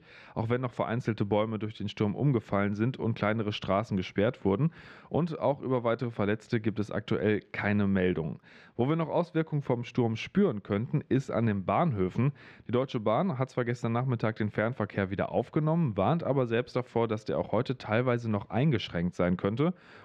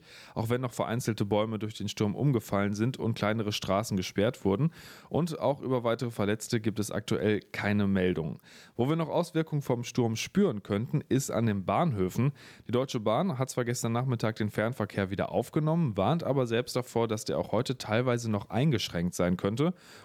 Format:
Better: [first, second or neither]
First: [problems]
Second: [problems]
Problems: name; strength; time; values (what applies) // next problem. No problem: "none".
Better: second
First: muffled; slightly; fading above 2.5 kHz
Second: none